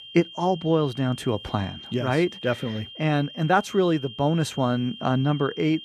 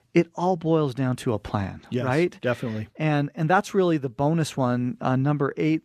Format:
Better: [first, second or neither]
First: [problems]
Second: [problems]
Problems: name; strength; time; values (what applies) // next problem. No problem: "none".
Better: second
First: high-pitched whine; noticeable; throughout; 3 kHz, 15 dB below the speech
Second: none